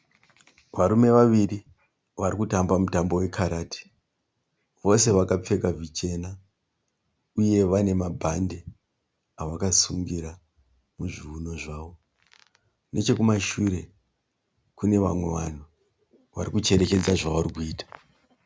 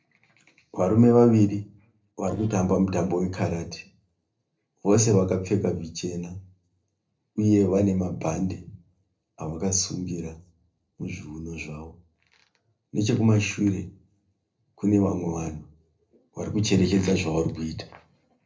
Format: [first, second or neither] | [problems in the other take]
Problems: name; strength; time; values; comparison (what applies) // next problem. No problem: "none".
first | noise reduction (neural separator model SepFormer DNS4)